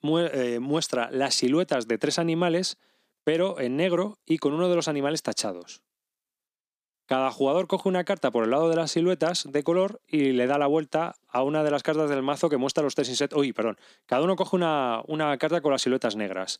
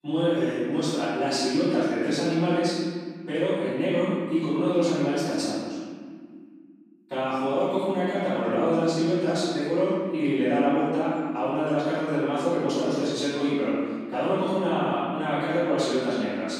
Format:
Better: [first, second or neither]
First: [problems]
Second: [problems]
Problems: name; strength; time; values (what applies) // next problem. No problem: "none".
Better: first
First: none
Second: room echo; strong; dies away in 1.9 s // off-mic speech; far